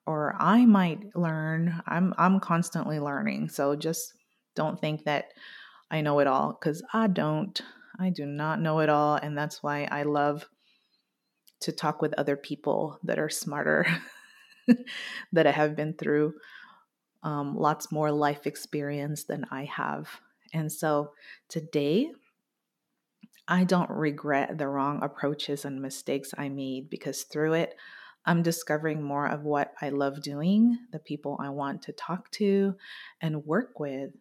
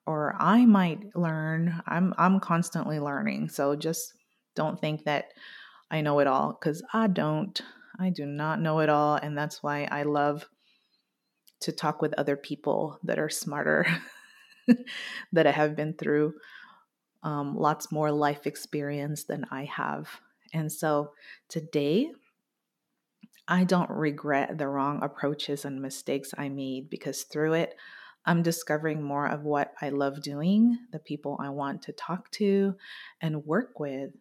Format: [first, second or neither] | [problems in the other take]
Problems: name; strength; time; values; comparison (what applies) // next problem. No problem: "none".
neither | none